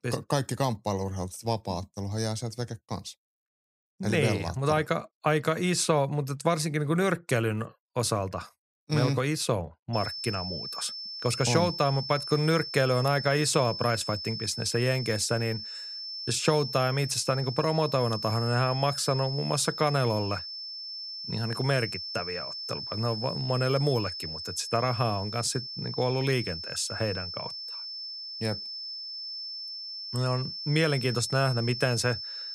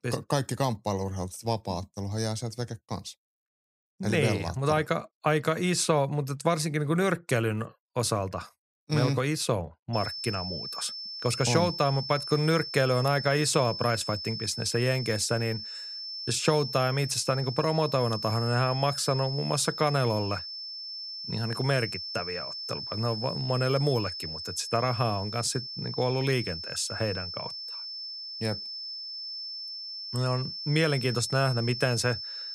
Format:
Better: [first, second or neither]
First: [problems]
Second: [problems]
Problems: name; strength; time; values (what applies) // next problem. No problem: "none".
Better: neither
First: high-pitched whine; loud; from 10 s on; 5.5 kHz, 6 dB below the speech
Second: high-pitched whine; loud; from 10 s on; 5.5 kHz, 6 dB below the speech